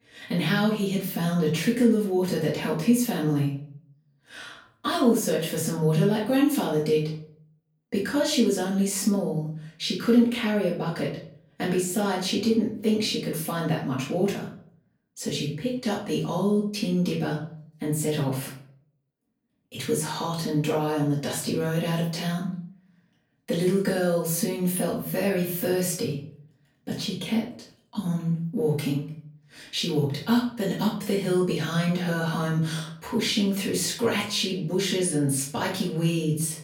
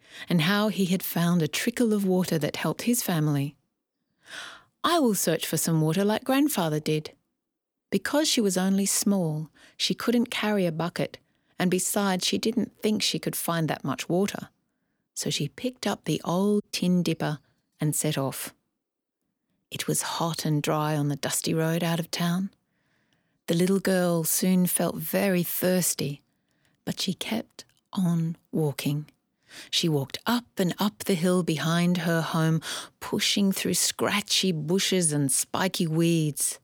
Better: second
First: room echo; slight; dies away in 0.5 s // off-mic speech; far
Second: none

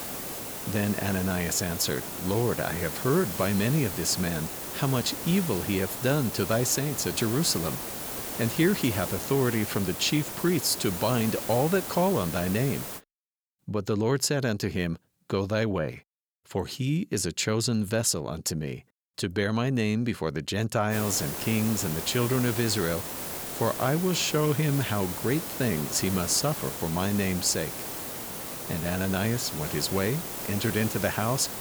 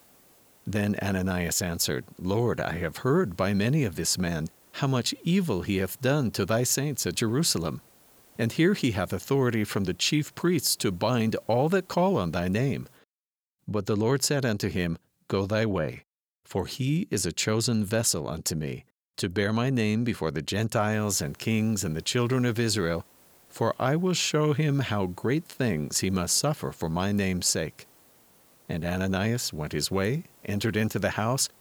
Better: second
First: hiss; loud; until 13 s and from 21 s on; 5 dB below the speech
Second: hiss; faint; until 13 s and from 21 s on; 30 dB below the speech

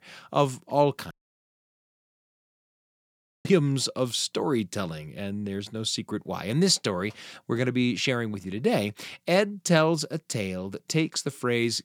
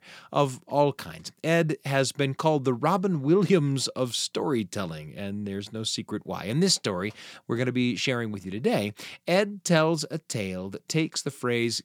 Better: second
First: audio cutting out; at 1 s for 2.5 s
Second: none

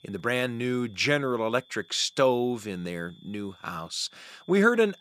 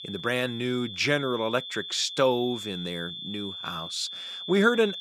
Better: first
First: high-pitched whine; faint; throughout; 3.5 kHz, 30 dB below the speech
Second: high-pitched whine; loud; throughout; 3.5 kHz, 8 dB below the speech

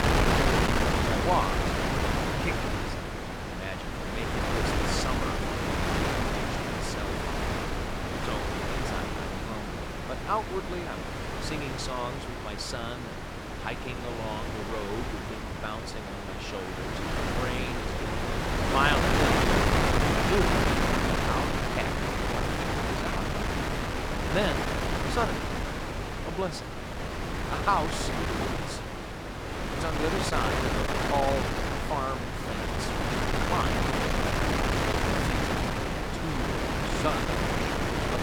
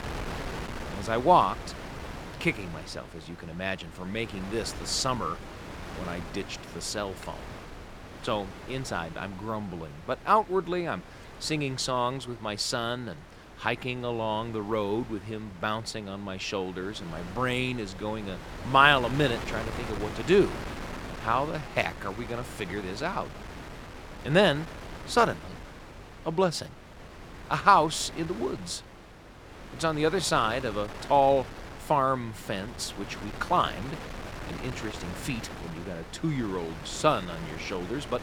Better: second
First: wind noise on the microphone; heavy; 4 dB above the speech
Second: wind noise on the microphone; occasional gusts; 15 dB below the speech

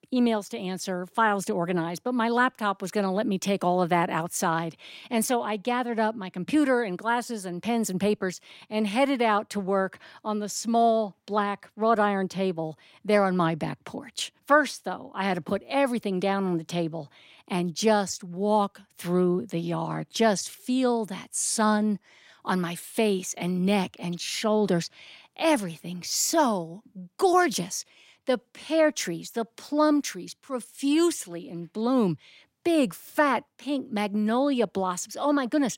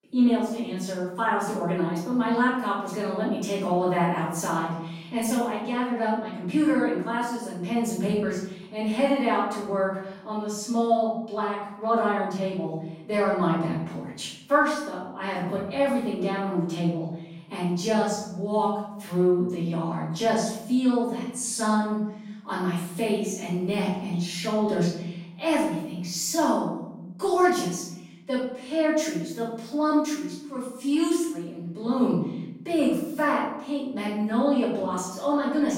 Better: first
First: none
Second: room echo; noticeable; dies away in 0.8 s // off-mic speech; far

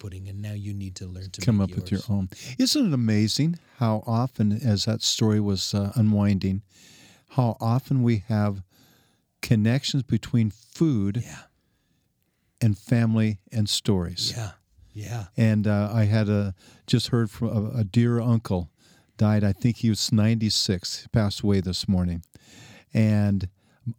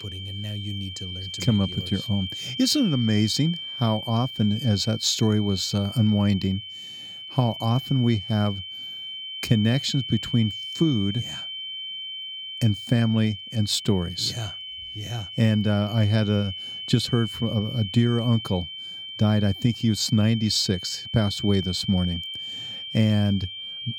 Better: first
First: none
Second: high-pitched whine; loud; throughout; 3 kHz, 9 dB below the speech

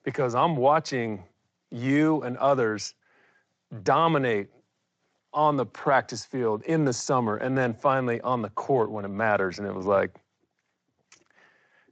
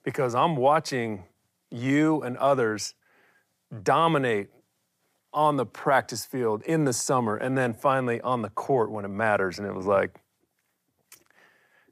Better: second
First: garbled, watery; slightly; nothing above 7.5 kHz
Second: none

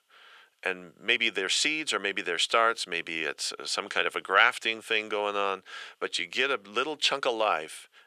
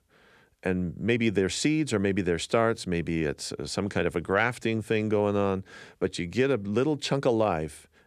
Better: second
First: thin; very; fading below 650 Hz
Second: none

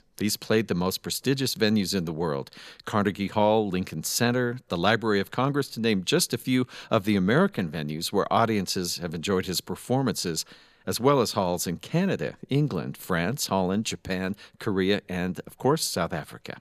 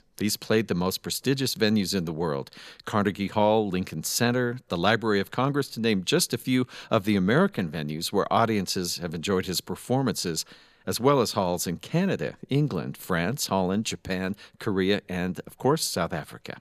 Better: neither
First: none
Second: none

